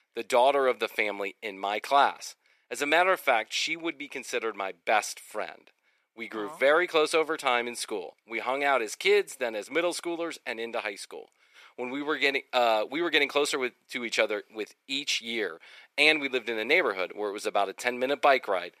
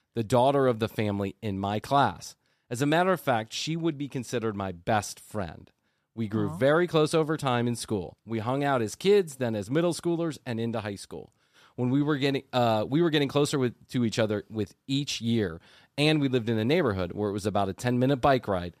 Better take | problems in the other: second | thin; very; fading below 400 Hz

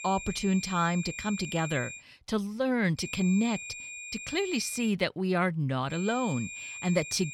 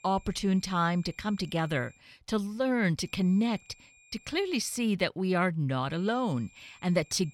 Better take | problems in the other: second | high-pitched whine; loud; until 2 s, from 3 to 5 s and from 6 s on; 2.5 kHz, 10 dB below the speech; faint in the second

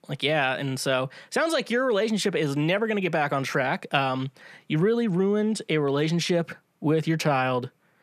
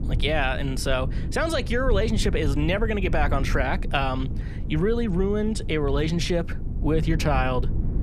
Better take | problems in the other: first | low rumble; noticeable; throughout; 15 dB below the speech

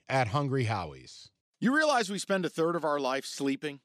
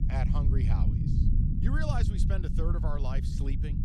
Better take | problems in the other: first | low rumble; loud; throughout; 2 dB below the speech

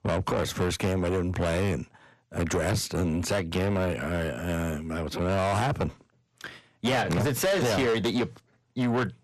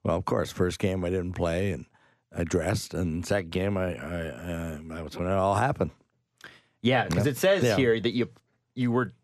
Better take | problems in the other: second | distortion; heavy; 7 dB below the speech

